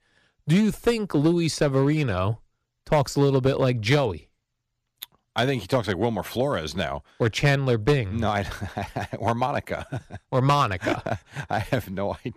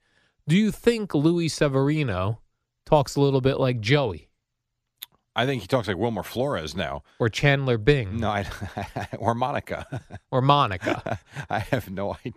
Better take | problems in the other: second | distortion; slight; 3% of the sound clipped

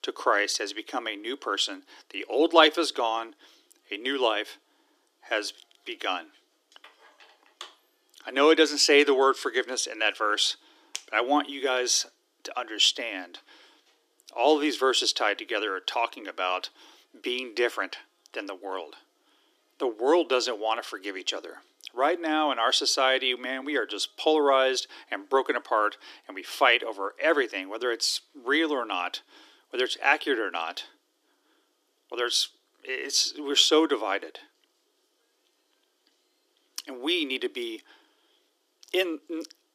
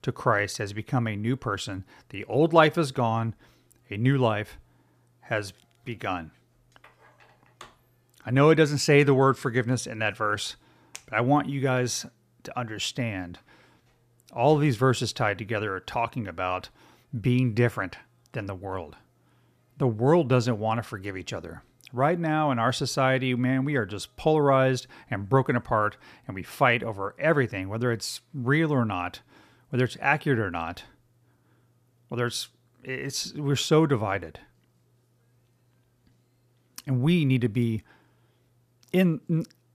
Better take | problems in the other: second | thin; somewhat; fading below 300 Hz

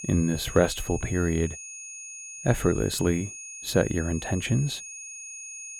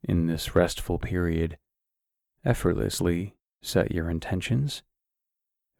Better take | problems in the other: second | high-pitched whine; noticeable; throughout; 6.5 kHz, 10 dB below the speech

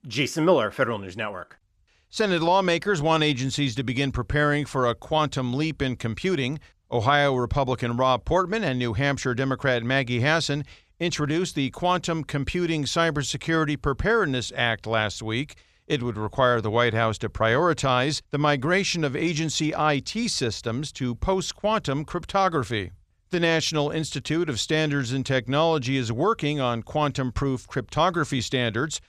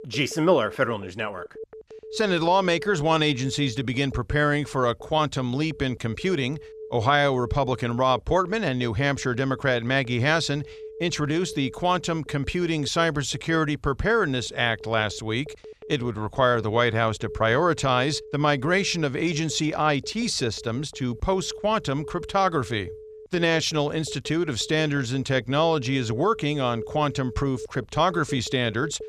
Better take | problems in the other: first | alarms or sirens; noticeable; throughout; 15 dB below the speech

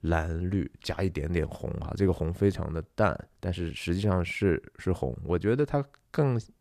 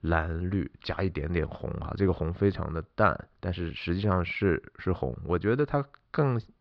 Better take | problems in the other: first | muffled; very slightly; fading above 4.5 kHz

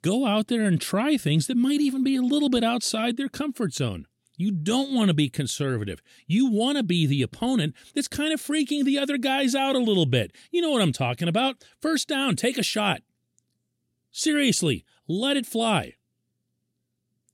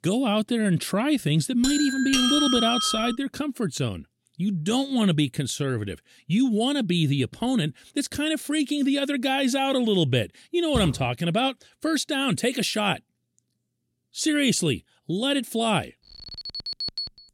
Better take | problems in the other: first | doorbell; loud; from 1.5 to 3 s; peak 3 dB above the speech // footsteps; noticeable; at 11 s; peak 8 dB below the speech // alarm; noticeable; from 16 s on; peak 4 dB below the speech

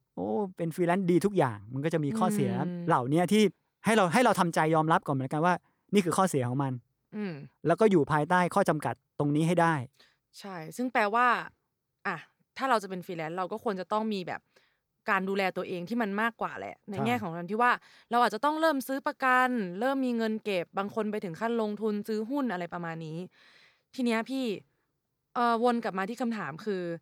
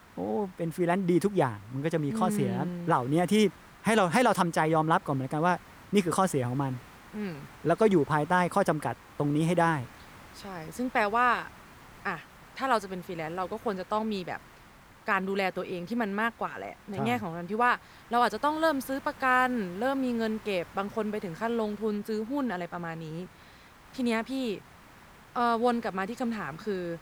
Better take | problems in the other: first | hiss; faint; throughout; 20 dB below the speech

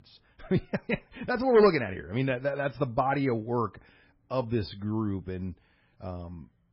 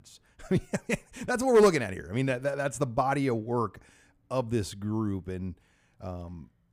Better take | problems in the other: second | garbled, watery; badly; nothing above 5.5 kHz

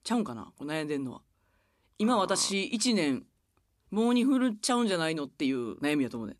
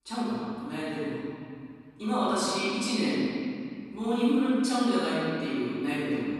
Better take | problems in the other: first | off-mic speech; far // room echo; strong; dies away in 2.2 s

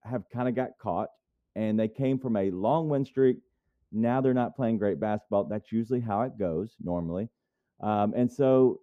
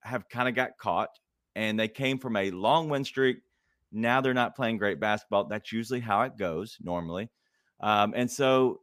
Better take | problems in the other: second | muffled; very; fading above 1 kHz

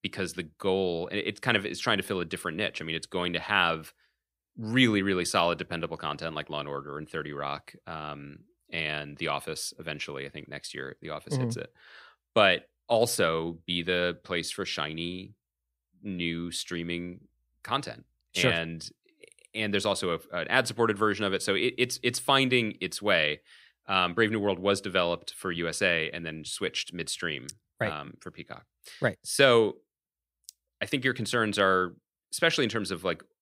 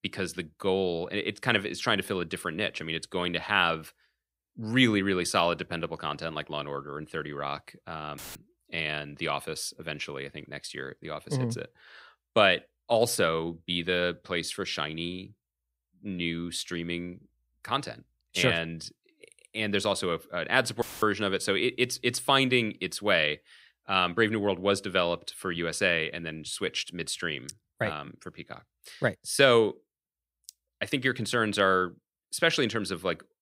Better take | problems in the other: first | audio cutting out; filled with static; at 8 s and at 21 s

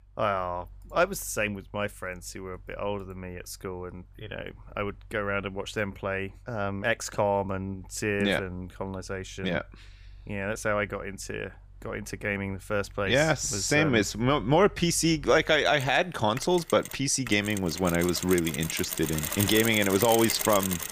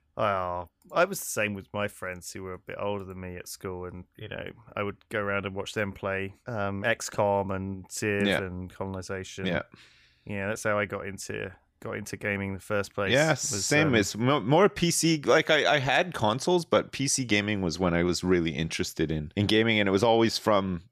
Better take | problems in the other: second | machinery noise; loud; throughout; 7 dB below the speech

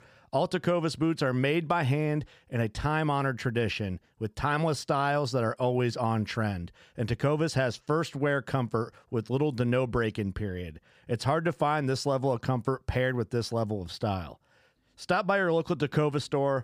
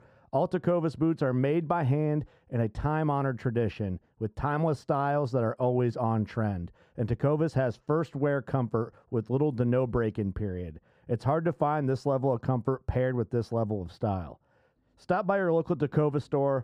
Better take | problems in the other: first | muffled; slightly; fading above 1.5 kHz

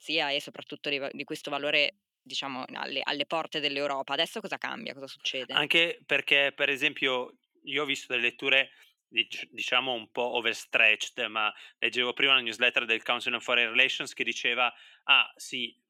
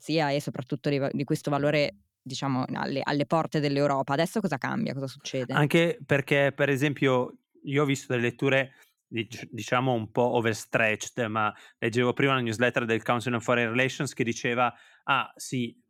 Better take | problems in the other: second | thin; somewhat; fading below 350 Hz

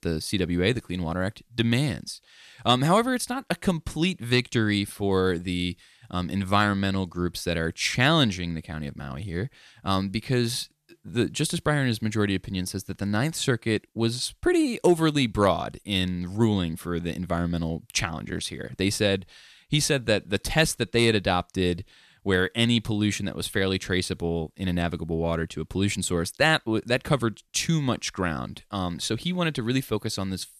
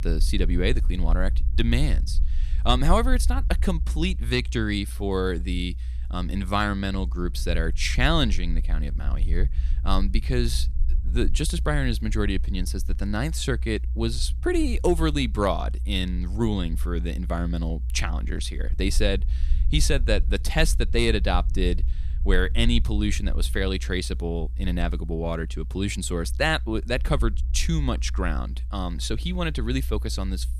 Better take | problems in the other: first | low rumble; faint; throughout; 20 dB below the speech

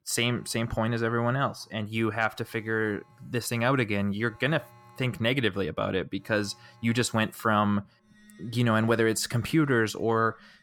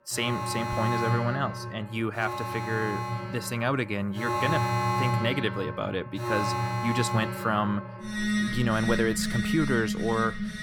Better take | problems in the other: first | alarms or sirens; loud; throughout; 1 dB below the speech; faint in the first

